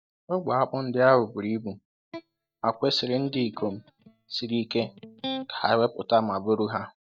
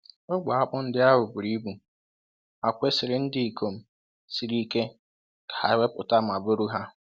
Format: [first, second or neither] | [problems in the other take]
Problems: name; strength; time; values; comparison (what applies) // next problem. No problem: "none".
second | noise reduction (neural mask model DeepFilterNet 3)